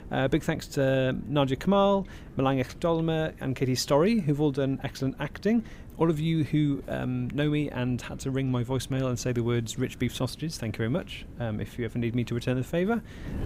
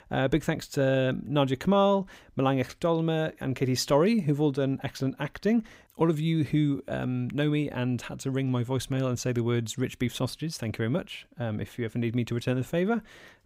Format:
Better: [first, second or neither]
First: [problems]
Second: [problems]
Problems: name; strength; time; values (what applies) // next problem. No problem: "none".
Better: second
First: wind noise on the microphone; occasional gusts; 25 dB below the speech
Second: none